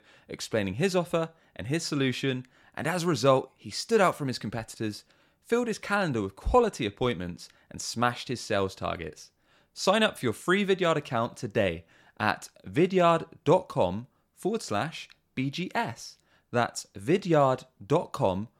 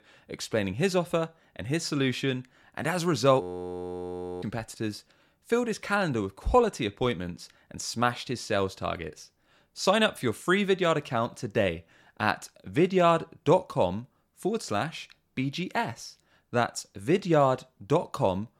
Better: first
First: none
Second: audio freezing; at 3.5 s for 1 s

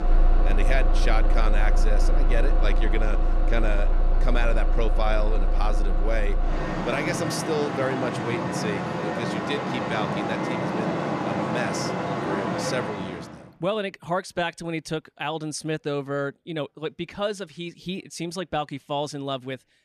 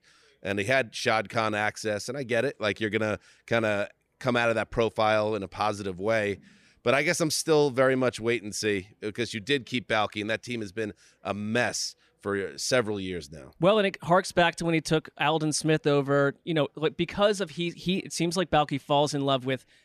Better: second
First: traffic noise; very loud; until 13 s; 4 dB above the speech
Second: none

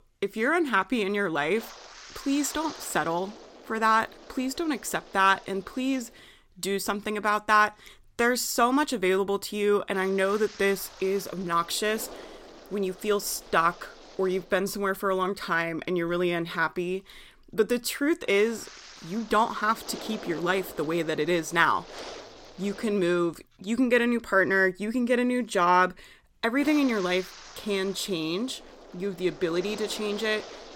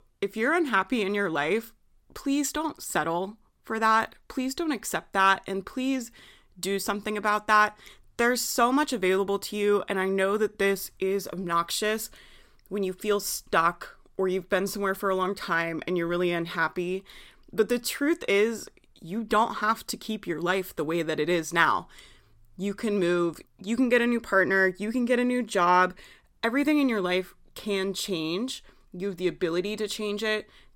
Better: second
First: wind noise on the microphone; occasional gusts; 20 dB below the speech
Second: none

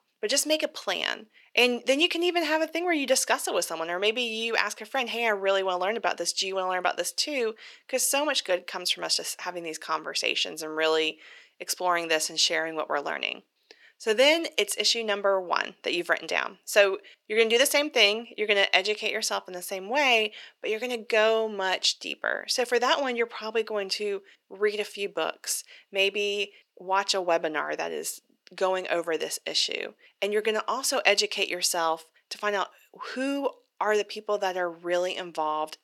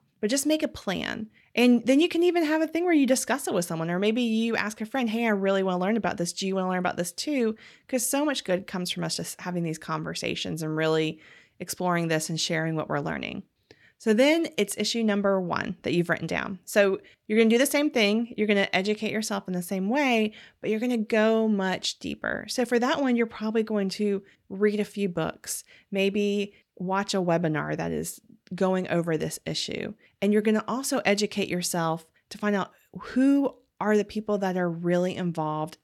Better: second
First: thin; very; fading below 400 Hz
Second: none

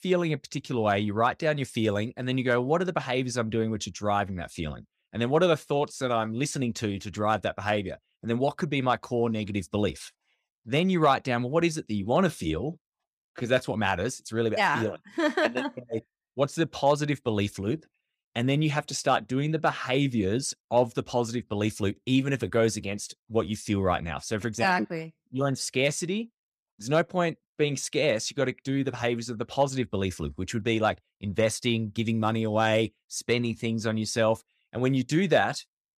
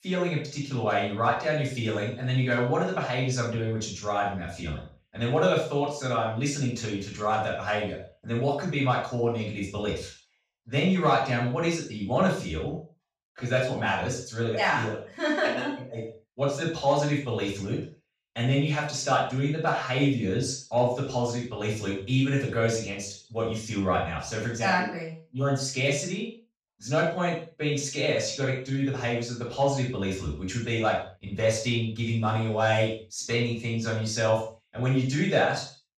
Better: first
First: none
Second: room echo; noticeable; dies away in 0.4 s // off-mic speech; far

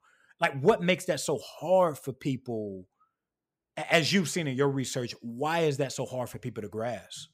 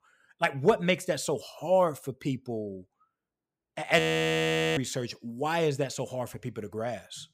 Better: first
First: none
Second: audio freezing; at 4 s for 1 s

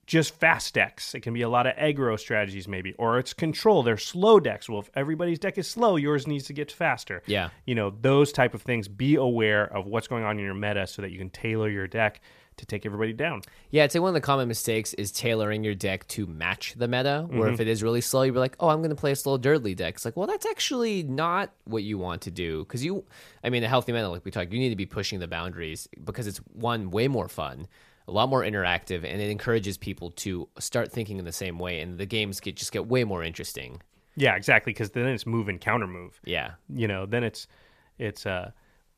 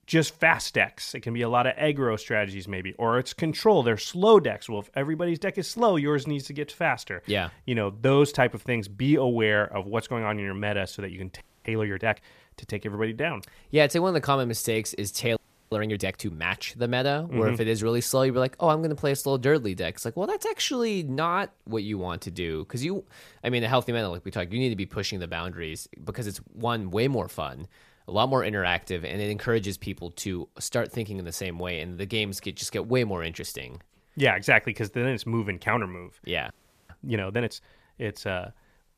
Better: first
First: none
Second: audio freezing; at 11 s, at 15 s and at 37 s

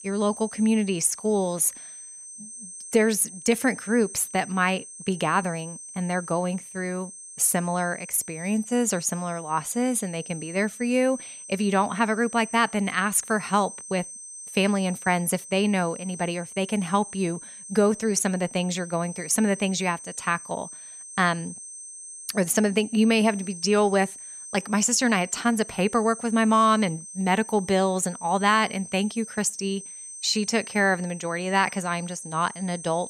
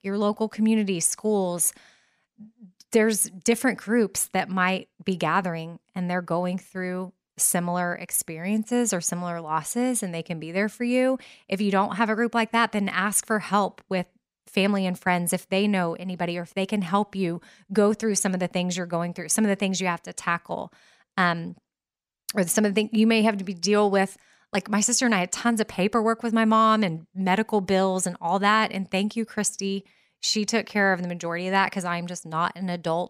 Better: second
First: high-pitched whine; noticeable; throughout; 8.5 kHz, 15 dB below the speech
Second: none

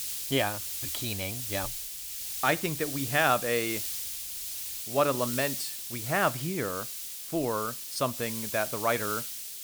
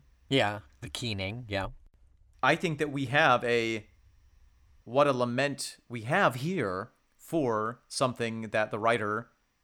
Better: second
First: hiss; loud; throughout; 2 dB below the speech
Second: none

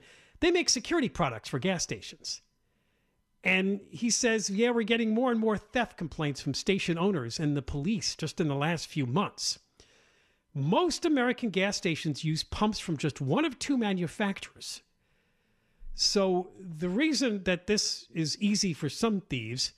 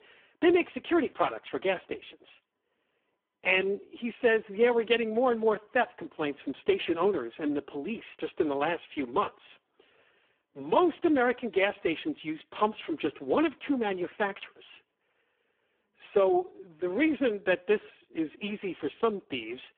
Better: first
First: none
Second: phone-call audio; poor line

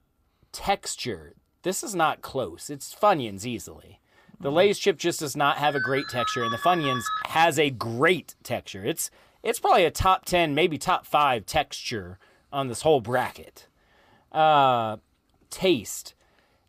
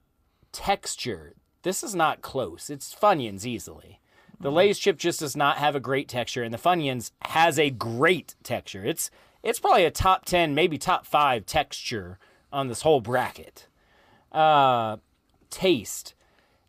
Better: second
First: phone ringing; noticeable; from 5.5 to 7 s; peak 4 dB below the speech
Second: none

